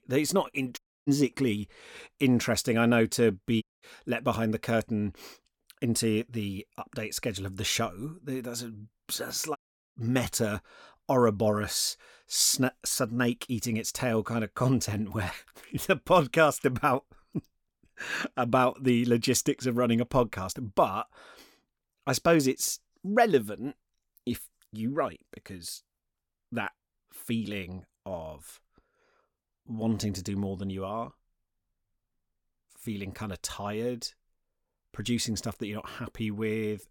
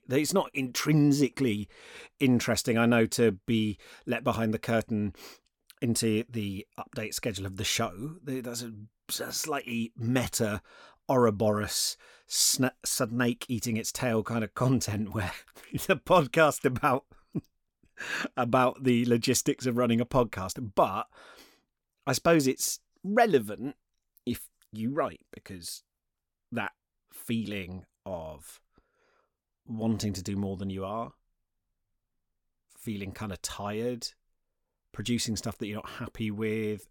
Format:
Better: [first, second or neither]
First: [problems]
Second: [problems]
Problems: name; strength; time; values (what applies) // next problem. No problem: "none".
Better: second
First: audio cutting out; at 1 s, at 3.5 s and at 9.5 s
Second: none